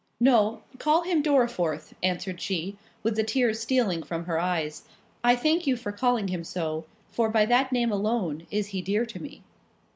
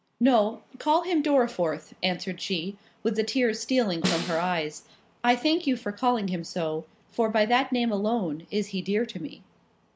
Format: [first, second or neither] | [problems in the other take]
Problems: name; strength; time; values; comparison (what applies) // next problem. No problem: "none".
first | background sound (Snare drum); 6 dB below the speech